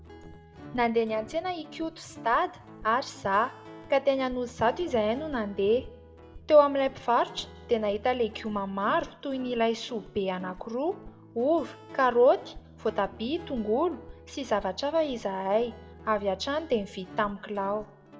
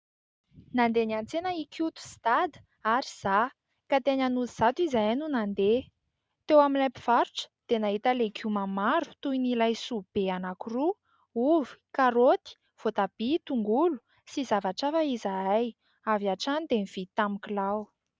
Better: second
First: background sound (Guitar); 19 dB below the speech // room echo; dies away in 0.7 s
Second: none

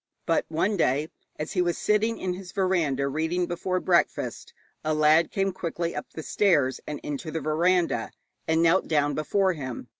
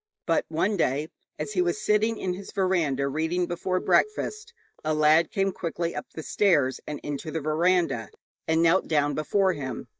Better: first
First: none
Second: noise reduction (neural mask model DeepFilterNet 3)

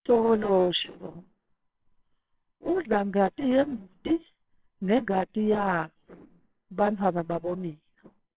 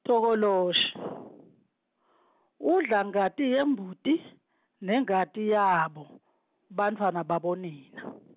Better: second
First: noise reduction (neural separator model SepFormer WHAMR!)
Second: none

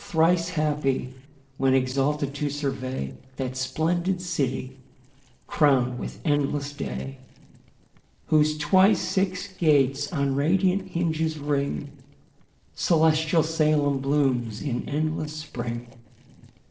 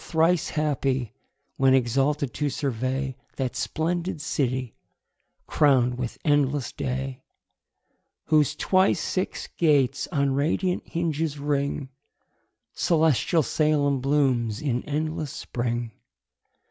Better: second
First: noise reduction (neural separator model SepFormer DNS4)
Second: none

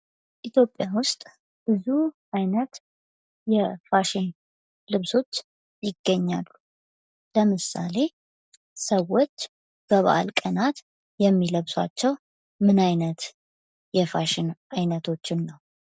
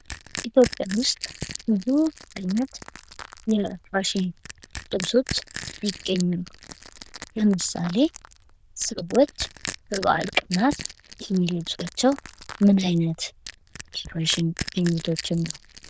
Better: first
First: none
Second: noise reduction (neural diffusion model UNIVERSE++)

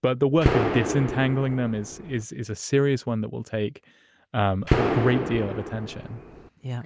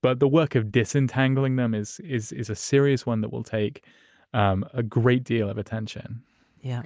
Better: second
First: background sound (Gunshot, gunfire); 2 dB below the speech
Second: none

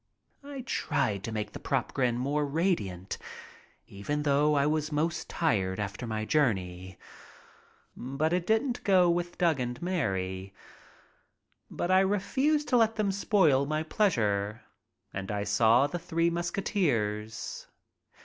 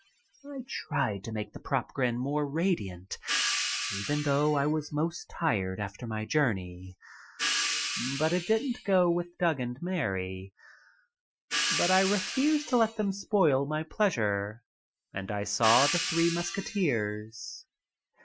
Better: first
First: none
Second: noise reduction (classical method Wiener filter)

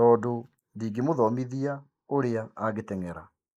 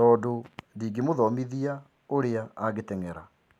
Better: second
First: noise reduction (neural mask model Resemble Enhance denoiser)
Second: none

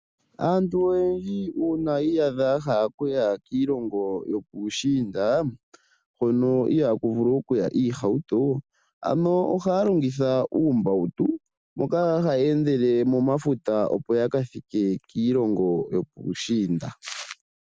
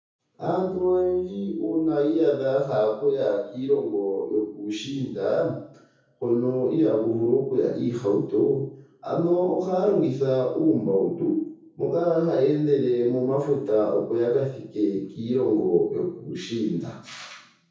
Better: first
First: none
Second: room echo; dies away in 0.6 s

